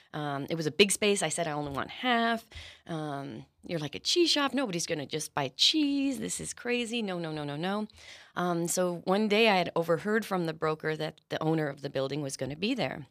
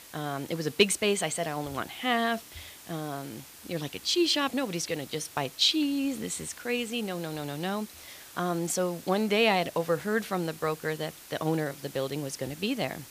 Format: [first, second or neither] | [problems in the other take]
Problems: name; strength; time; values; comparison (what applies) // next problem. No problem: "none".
first | hiss; noticeable; throughout; 15 dB below the speech